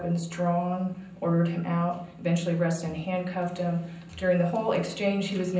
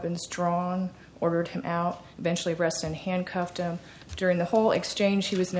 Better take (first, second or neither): second